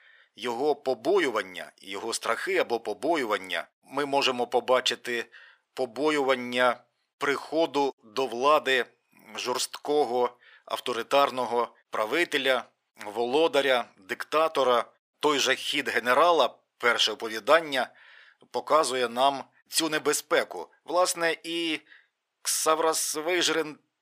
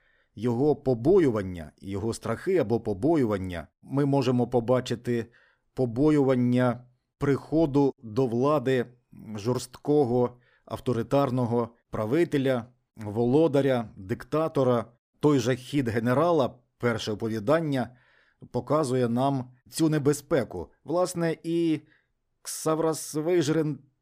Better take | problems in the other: second | thin; very; fading below 700 Hz

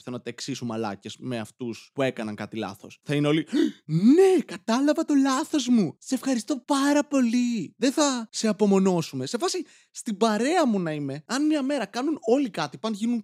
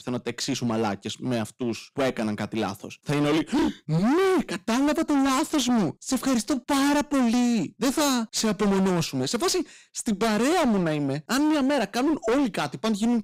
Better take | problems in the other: first | distortion; heavy; 27% of the sound clipped

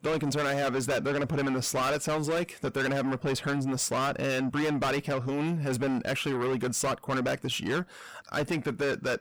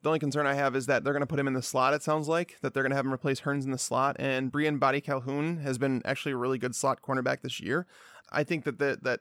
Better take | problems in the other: second | distortion; heavy; 6 dB below the speech

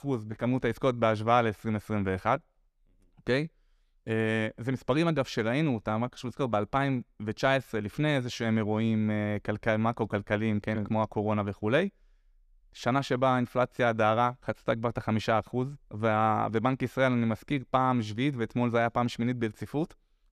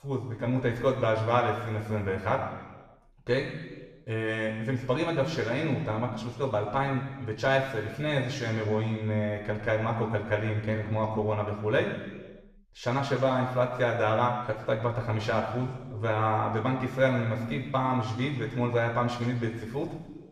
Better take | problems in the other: first | room echo; noticeable; dies away in 1.2 s // off-mic speech; far

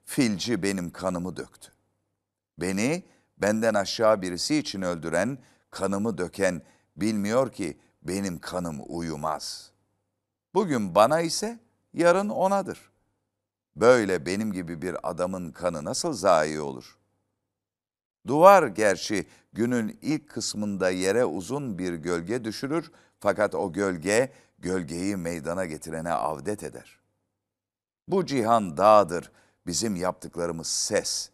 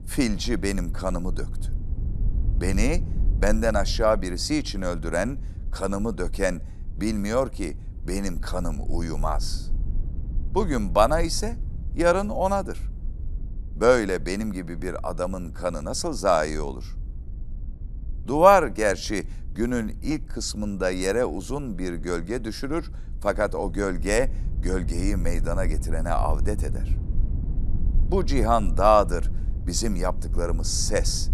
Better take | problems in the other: first | low rumble; faint; throughout; 25 dB below the speech

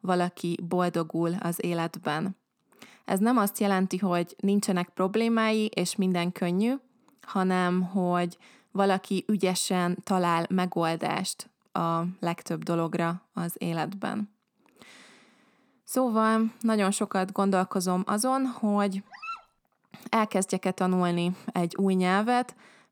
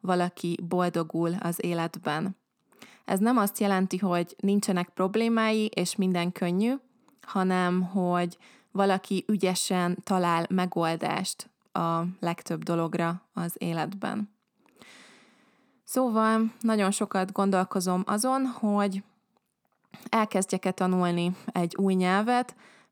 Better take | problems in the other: second | dog barking; faint; at 19 s; peak 10 dB below the speech

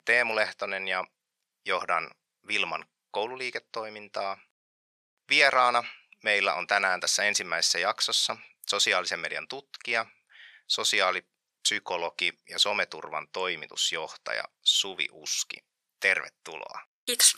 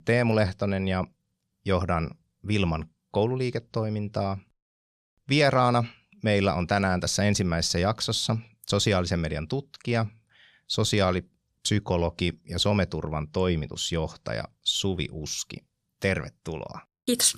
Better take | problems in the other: second | thin; very; fading below 800 Hz

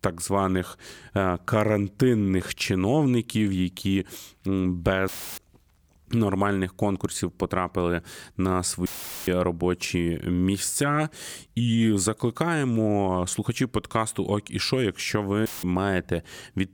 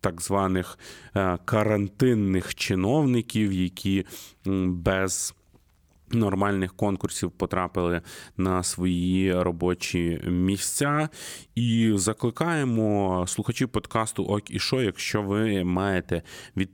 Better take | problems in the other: second | audio cutting out; filled with static; at 5 s, at 9 s and at 15 s

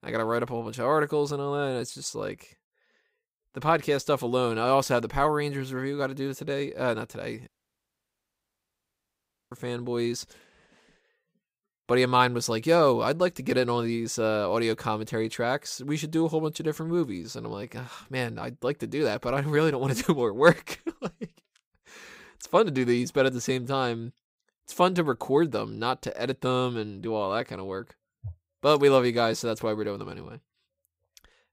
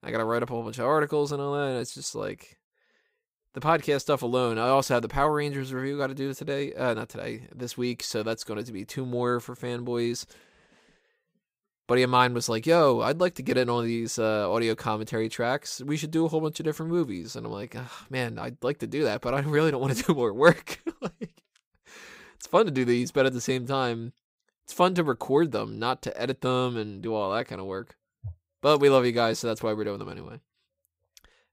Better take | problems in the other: second | audio cutting out; at 7.5 s for 2 s

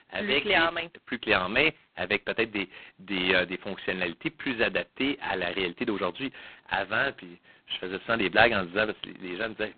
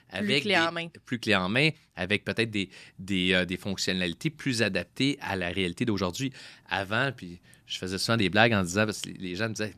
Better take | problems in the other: second | phone-call audio; poor line; nothing above 4 kHz

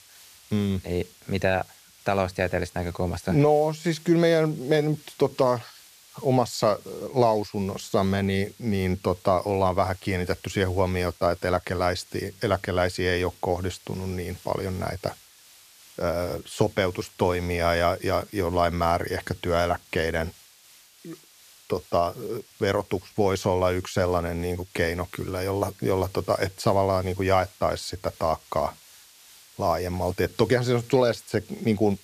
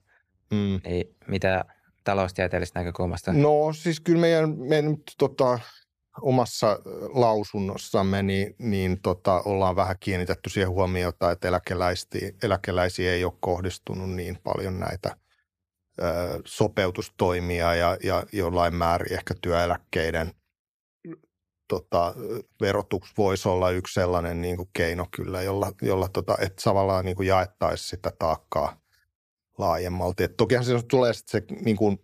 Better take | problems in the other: second | hiss; faint; throughout; 25 dB below the speech

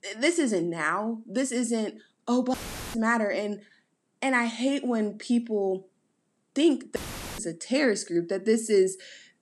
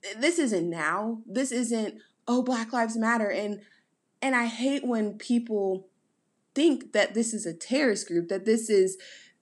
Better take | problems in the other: second | audio cutting out; filled with static; at 2.5 s and at 7 s

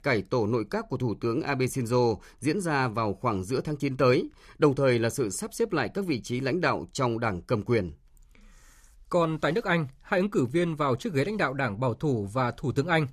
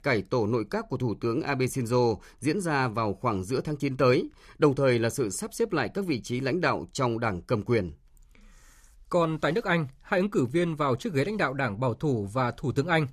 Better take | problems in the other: neither | none

